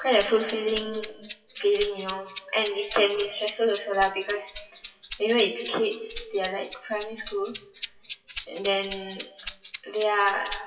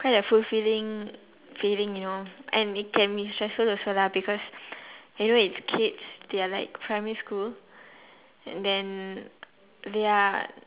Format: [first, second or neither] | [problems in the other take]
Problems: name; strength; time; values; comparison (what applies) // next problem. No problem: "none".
second | noise reduction (classical method WPE with log-MMSE)